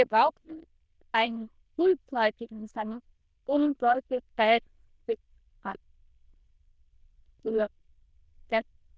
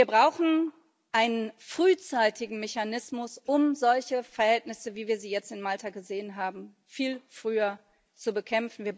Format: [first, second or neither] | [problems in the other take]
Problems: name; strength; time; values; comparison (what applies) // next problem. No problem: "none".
second | noise reduction (neural diffusion model UNIVERSE++)